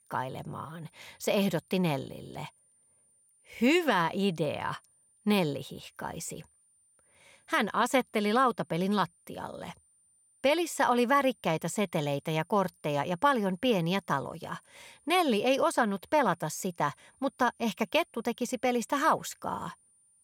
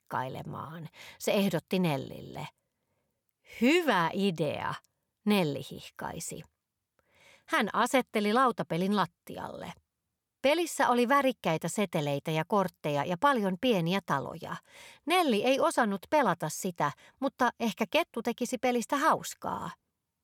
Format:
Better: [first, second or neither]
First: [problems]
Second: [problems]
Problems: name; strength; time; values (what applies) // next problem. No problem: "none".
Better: second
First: high-pitched whine; faint; throughout; 9 kHz, 35 dB below the speech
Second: none